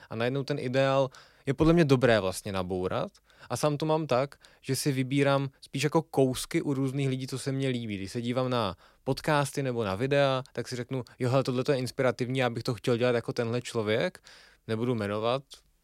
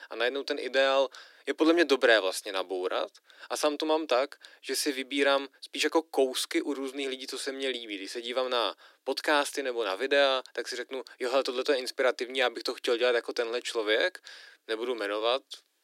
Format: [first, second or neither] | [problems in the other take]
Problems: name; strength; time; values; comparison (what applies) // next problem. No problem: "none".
first | thin; somewhat; fading below 300 Hz